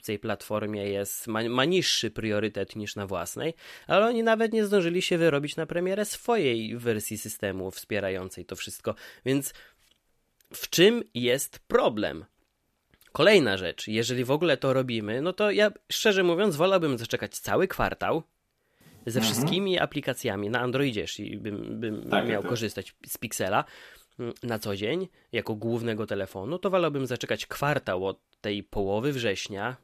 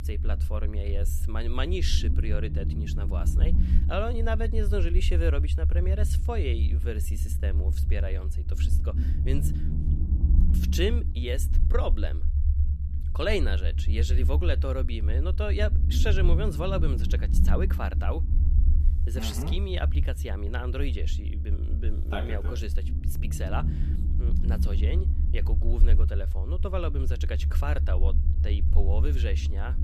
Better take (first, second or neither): first